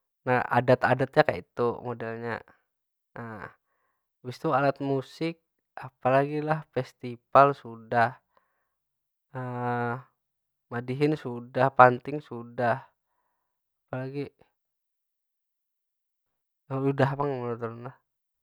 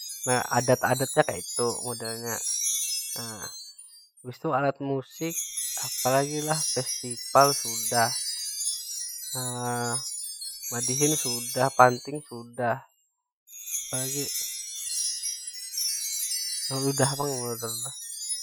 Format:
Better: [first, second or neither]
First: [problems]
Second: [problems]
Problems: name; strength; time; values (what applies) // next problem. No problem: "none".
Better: first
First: none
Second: noise reduction (classical method Wiener filter)